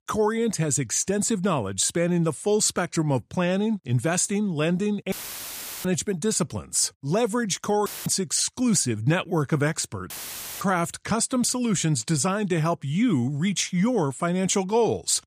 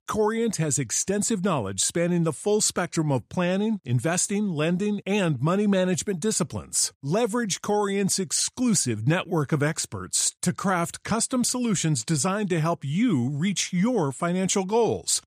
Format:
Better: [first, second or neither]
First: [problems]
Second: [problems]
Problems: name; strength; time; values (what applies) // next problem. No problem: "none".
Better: second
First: audio cutting out; filled with static; at 5 s for 0.5 s, at 8 s and at 10 s for 0.5 s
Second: none